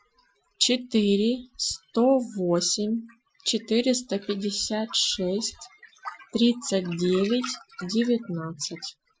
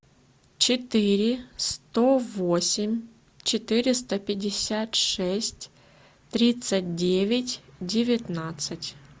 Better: second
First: noise reduction (classical method Wiener filter)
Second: none

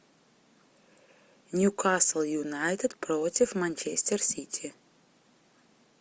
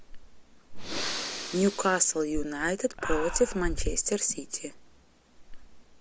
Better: first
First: none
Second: background sound (Breathing); 4 dB below the speech

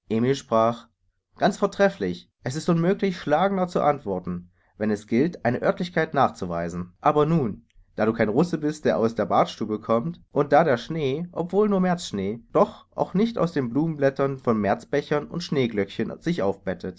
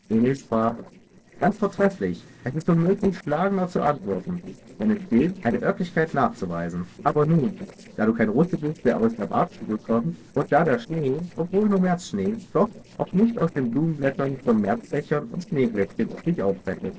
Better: first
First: none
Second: noise reduction (neural separator model SepFormer DNS4)

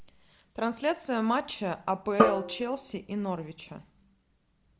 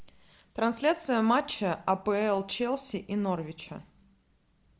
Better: second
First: background sound (Drum); 3 dB above the speech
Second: none

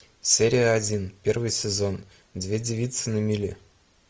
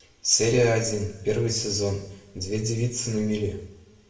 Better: first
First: none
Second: room echo; dies away in 0.7 s

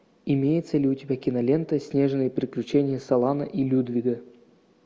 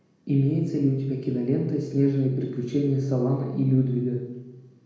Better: first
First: none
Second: room echo; dies away in 0.9 s

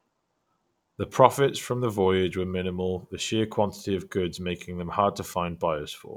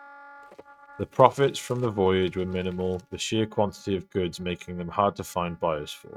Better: first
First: none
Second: noise reduction (neural mask model RNNoise)

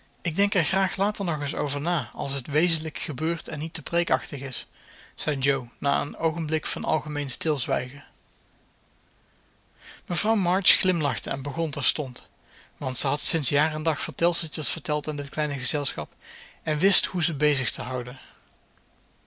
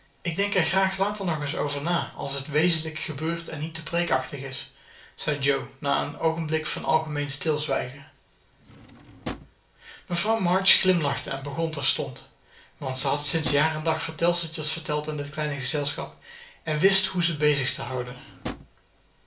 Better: first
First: none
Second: background sound (Drawer open or close); 13 dB below the speech // room echo; dies away in 0.4 s

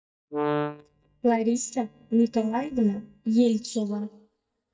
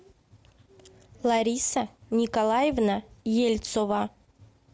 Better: second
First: noise reduction (neural mask model DeepFilterNet 3)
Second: none

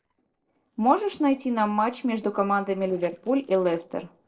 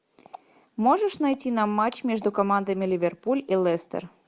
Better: second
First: noise reduction (neural separator model SepFormer DNS4)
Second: none

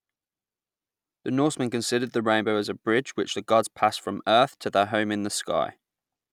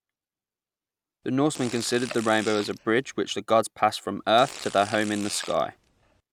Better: first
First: none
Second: background sound (Fart); 15 dB below the speech

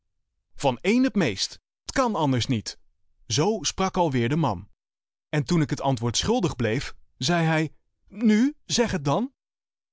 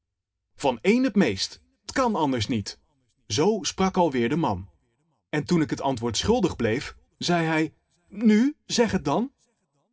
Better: first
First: none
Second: room echo; dies away in 0.3 s

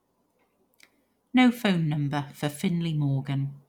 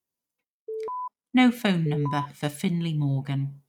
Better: first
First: none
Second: noise reduction (neural mask model RNNoise)

